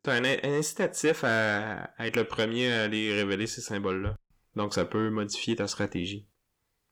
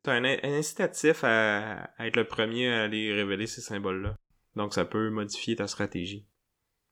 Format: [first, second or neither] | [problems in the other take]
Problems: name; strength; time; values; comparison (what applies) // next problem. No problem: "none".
second | distortion; slight; 10 dB below the speech